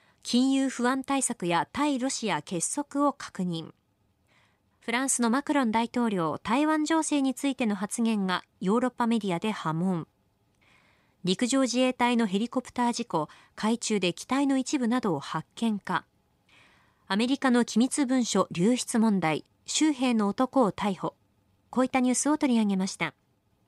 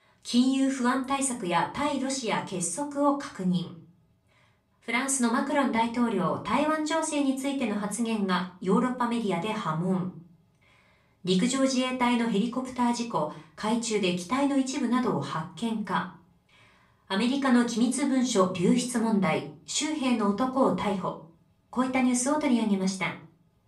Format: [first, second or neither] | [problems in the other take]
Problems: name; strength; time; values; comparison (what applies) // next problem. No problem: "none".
first | off-mic speech; far // room echo; slight; dies away in 0.4 s